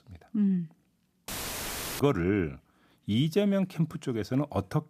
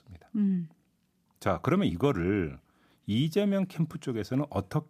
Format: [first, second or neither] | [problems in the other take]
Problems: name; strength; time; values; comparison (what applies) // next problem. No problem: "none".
second | audio cutting out; filled with static; at 1.5 s for 0.5 s